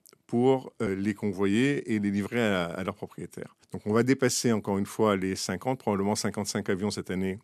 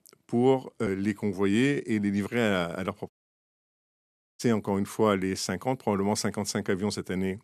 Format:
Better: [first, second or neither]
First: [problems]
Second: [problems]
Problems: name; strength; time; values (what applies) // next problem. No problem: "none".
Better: first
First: none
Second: audio cutting out; at 3 s for 1.5 s